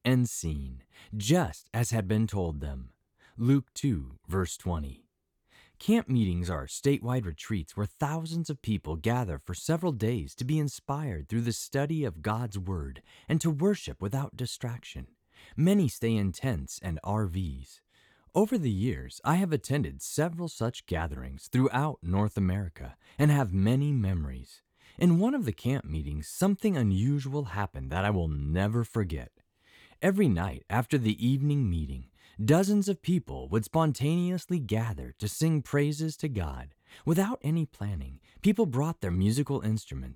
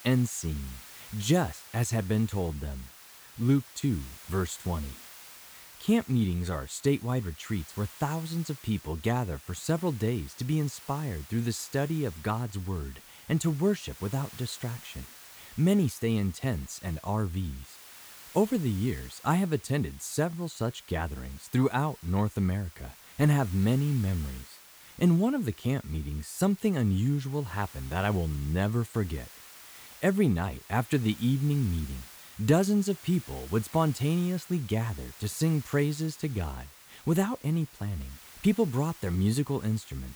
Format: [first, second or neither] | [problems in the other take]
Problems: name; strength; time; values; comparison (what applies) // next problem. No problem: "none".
first | hiss; noticeable; throughout; 20 dB below the speech